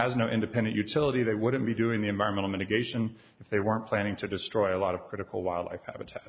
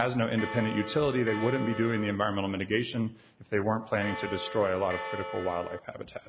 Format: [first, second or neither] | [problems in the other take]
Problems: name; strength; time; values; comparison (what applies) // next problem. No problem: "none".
first | background sound (Bell); 9 dB below the speech